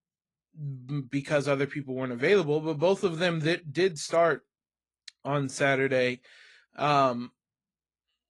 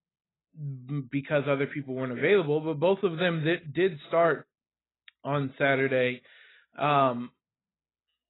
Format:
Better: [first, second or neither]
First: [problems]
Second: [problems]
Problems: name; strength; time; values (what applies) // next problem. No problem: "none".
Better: first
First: garbled, watery; slightly; nothing above 10 kHz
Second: garbled, watery; badly; nothing above 4 kHz